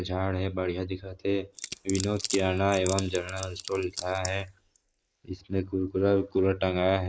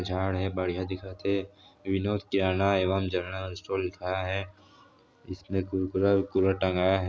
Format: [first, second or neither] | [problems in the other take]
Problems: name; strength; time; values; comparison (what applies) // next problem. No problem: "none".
second | noise reduction (neural mask model Resemble Enhance denoiser)